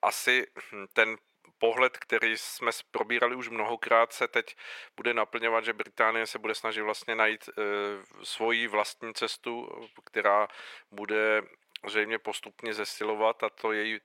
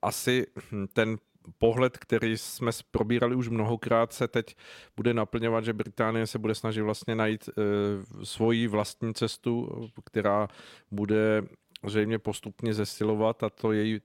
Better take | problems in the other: second | thin; very; fading below 550 Hz

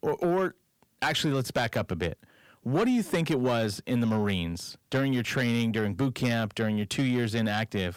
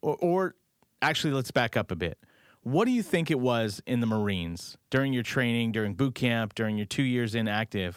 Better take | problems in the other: second | distortion; slight; 10 dB below the speech

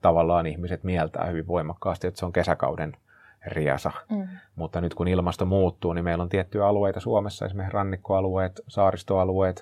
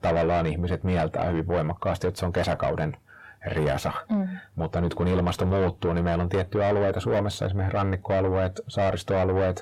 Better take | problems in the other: first | distortion; heavy; 6 dB below the speech

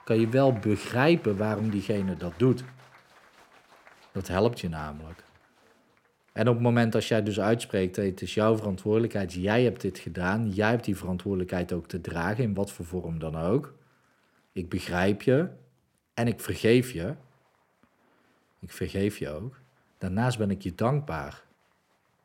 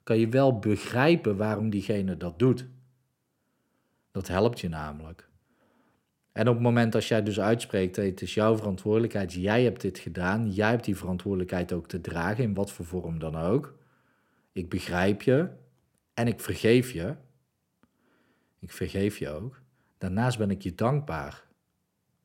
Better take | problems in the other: second | crowd noise; faint; throughout; 30 dB below the speech

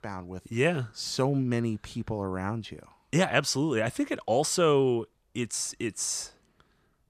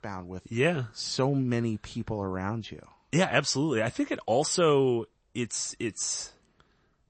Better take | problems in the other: first | garbled, watery; slightly; nothing above 8 kHz

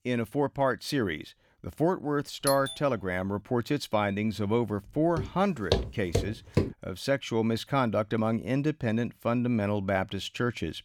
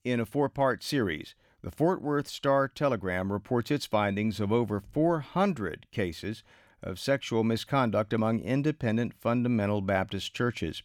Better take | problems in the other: second | doorbell; noticeable; at 2.5 s; peak 4 dB below the speech // footsteps; noticeable; from 5 to 6.5 s; peak 1 dB below the speech

